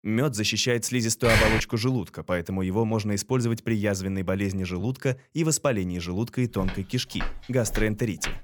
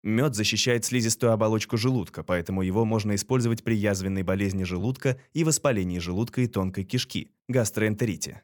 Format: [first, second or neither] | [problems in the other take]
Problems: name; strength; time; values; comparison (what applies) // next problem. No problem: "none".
second | door banging; loud; at 1 s; peak 5 dB above the speech // footsteps; noticeable; from 6.5 s on; peak 10 dB below the speech